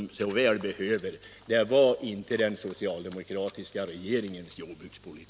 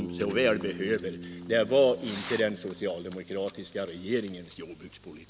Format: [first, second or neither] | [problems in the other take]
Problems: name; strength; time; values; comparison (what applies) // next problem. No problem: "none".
first | background sound (Fireworks + Bass guitar); 13 dB below the speech